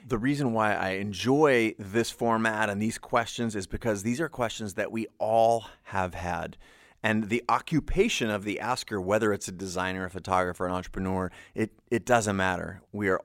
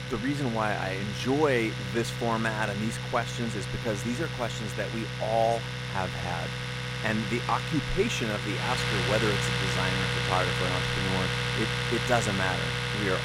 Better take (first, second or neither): first